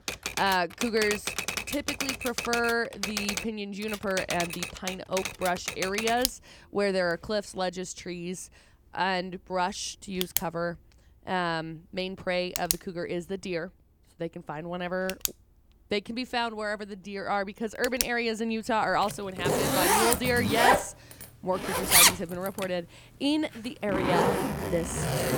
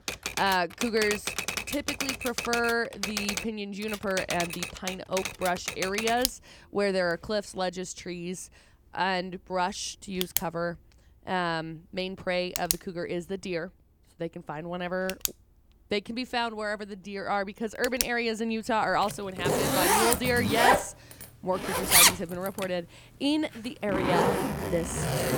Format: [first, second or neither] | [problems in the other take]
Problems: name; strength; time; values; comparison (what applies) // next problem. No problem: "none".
neither | household noises; very loud; throughout; 3 dB above the speech; the same in both